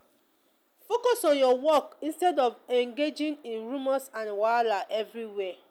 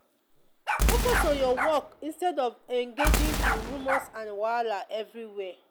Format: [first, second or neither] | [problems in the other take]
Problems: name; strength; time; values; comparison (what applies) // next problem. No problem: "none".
first | background sound (Boom + Bark); 2 dB above the speech